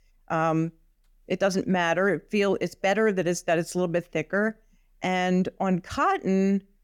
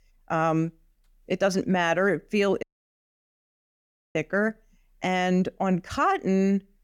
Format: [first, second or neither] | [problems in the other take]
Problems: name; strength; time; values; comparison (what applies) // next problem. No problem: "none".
first | audio cutting out; at 2.5 s for 1.5 s